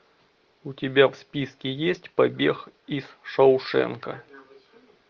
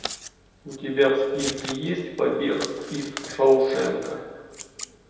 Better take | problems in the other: first | background sound (Scissors); 13 dB below the speech // room echo; dies away in 1.1 s

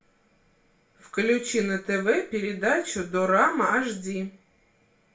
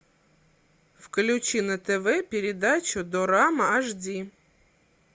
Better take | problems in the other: second | room echo; dies away in 0.3 s

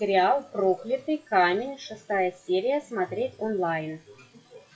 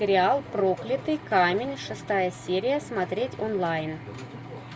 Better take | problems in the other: second | noise reduction (classical method WPE with log-MMSE)

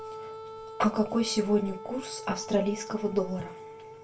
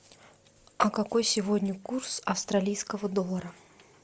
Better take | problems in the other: second | background sound (Wind instrument, woodwind instrument); 12 dB below the speech // room echo; dies away in 0.2 s

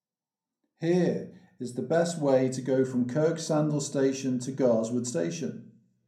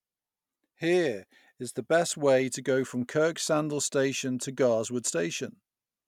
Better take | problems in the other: second | room echo; dies away in 0.6 s

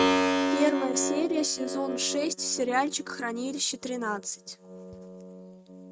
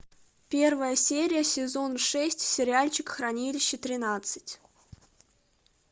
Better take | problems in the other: second | noise reduction (neural mask model RNNoise)

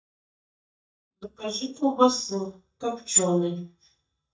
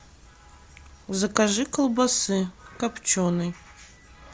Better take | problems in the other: second | noise reduction (neural mask model DeepFilterNet 3)

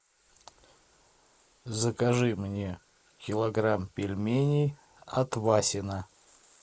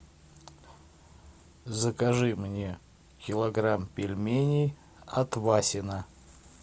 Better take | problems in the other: second | noise reduction (neural mask model Resemble Enhance denoiser)

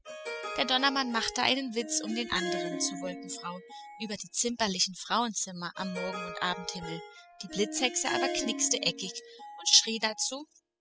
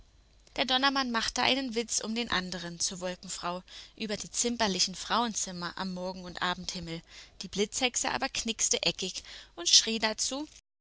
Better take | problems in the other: second | noise reduction (classical method spectral subtraction)

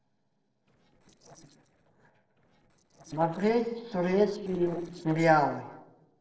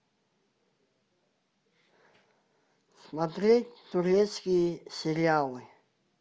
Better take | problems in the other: second | noise reduction (neural separator model SepFormer DNS4)

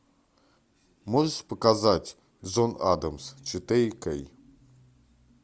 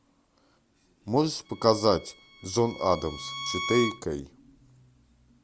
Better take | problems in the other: first | background sound (Bowed string instrument); 10 dB below the speech

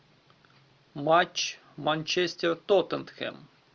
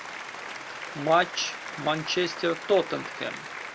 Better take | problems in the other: first | background sound (Applause); 9 dB below the speech

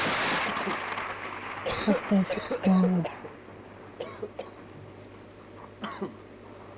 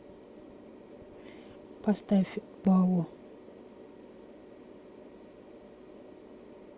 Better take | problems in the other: second | background sound (Thunder + Cough); 2 dB below the speech

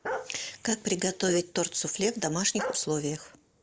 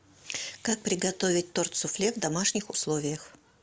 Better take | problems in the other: second | noise reduction (neural mask model Resemble Enhance denoiser)

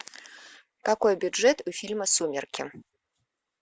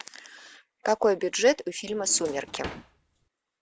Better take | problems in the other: first | background sound (Drawer open or close); 15 dB below the speech

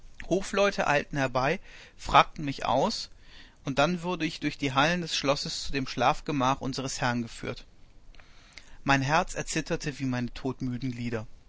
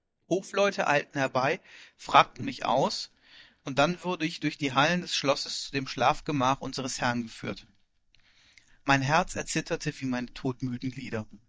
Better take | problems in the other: first | noise reduction (neural mask model DeepFilterNet 3)

